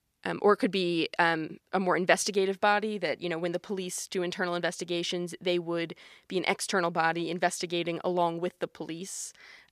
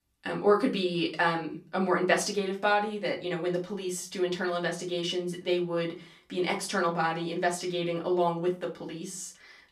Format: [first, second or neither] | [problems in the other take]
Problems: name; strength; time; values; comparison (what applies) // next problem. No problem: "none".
first | off-mic speech; far // room echo; very slight; dies away in 0.3 s